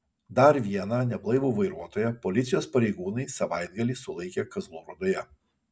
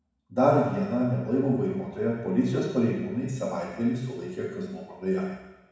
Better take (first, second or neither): first